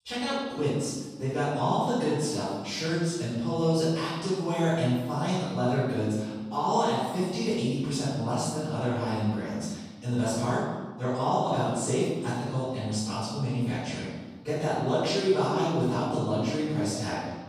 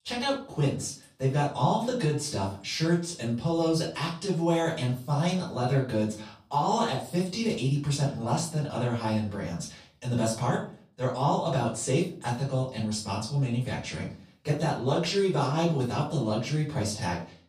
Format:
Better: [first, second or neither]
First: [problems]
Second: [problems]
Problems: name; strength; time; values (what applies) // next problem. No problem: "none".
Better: second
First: room echo; strong; dies away in 1.3 s // off-mic speech; far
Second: room echo; slight; dies away in 0.3 s // off-mic speech; far